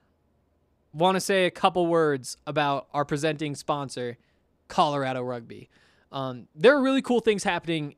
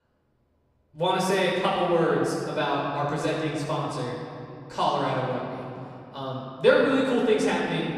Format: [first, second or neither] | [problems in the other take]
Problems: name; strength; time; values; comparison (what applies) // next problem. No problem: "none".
first | off-mic speech; far // room echo; noticeable; dies away in 2.4 s